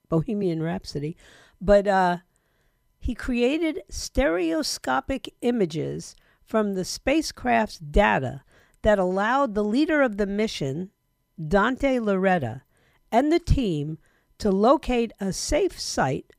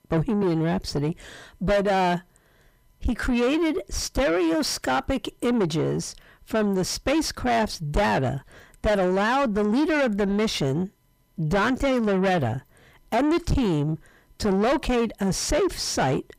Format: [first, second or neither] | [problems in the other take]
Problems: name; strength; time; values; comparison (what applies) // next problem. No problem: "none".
first | distortion; heavy; 6 dB below the speech